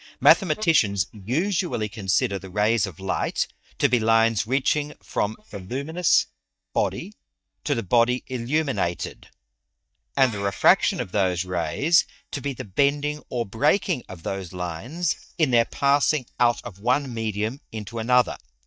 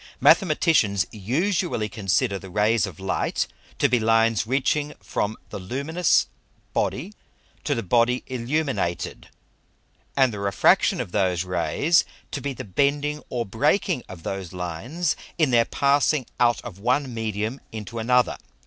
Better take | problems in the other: second | noise reduction (neural mask model DeepFilterNet 3)

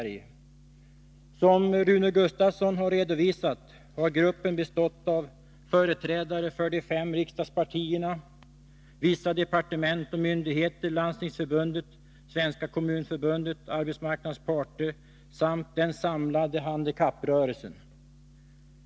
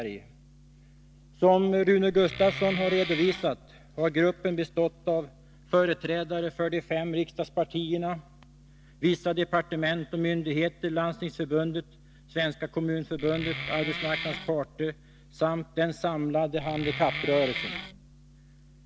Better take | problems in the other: first | background sound (Wood); 7 dB below the speech

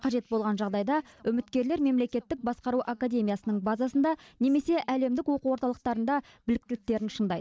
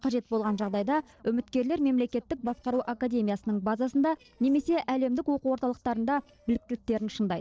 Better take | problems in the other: first | noise reduction (neural separator model SepFormer DNS4)

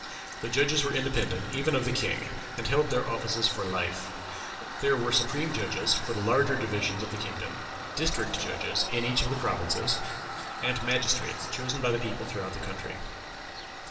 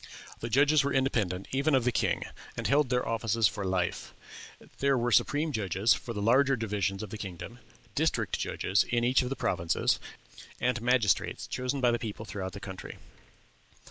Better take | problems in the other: second | background sound (Tools); 8 dB below the speech // room echo; dies away in 2.5 s

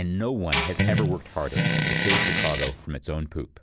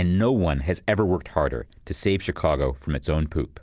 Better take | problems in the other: second | background sound (Tambourine + Fart); 4 dB above the speech

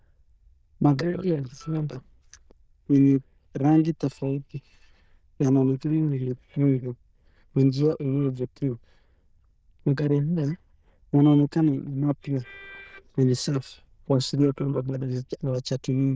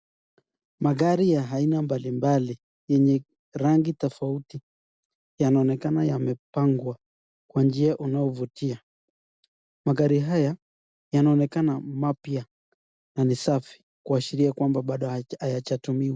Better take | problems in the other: second | noise reduction (neural diffusion model UNIVERSE++)

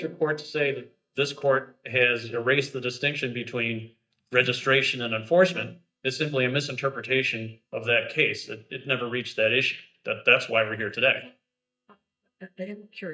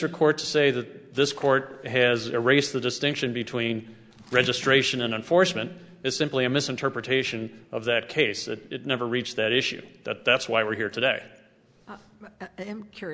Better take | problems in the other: second | noise reduction (neural mask model DeepFilterNet 3)

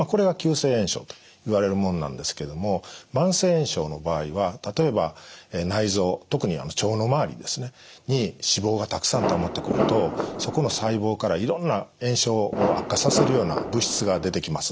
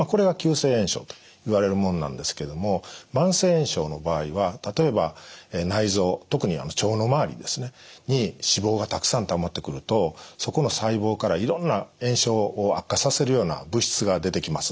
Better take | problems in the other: second | background sound (Fireworks); 2 dB below the speech

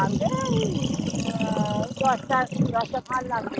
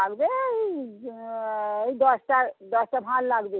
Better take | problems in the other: second | noise reduction (neural mask model RNNoise)

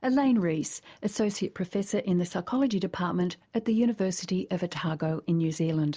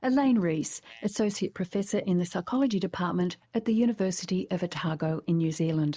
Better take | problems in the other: first | noise reduction (neural mask model Resemble Enhance denoiser)

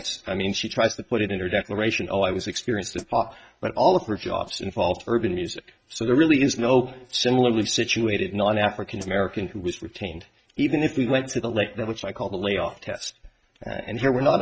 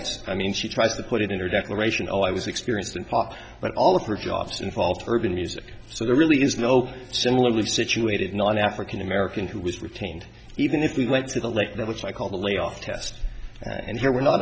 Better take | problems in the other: second | noise reduction (neural mask model RNNoise)

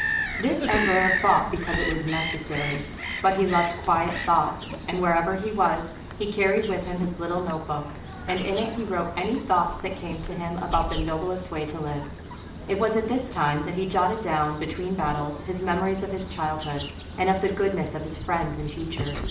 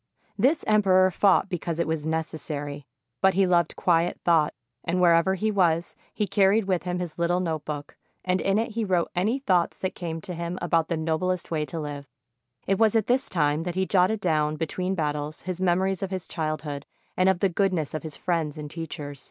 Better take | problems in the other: second | background sound (Bird vocalization, bird call, bird song); 7 dB below the speech // room echo; dies away in 0.6 s

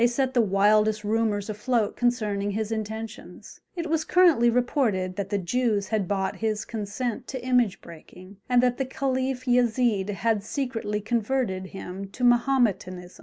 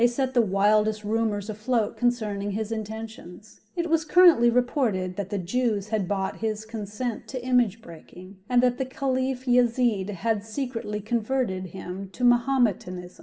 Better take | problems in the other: first | room echo; dies away in 0.5 s

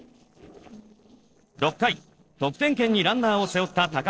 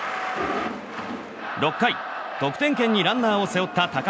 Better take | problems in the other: second | noise reduction (neural separator model SepFormer DNS4)

